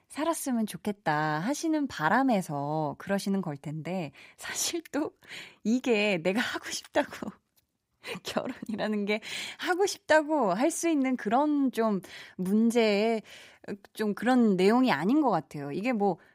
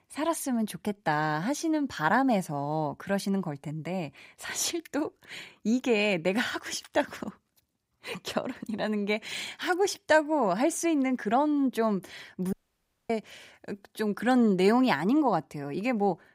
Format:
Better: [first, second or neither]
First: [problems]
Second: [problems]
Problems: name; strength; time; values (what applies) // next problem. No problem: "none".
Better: first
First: none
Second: audio cutting out; at 13 s for 0.5 s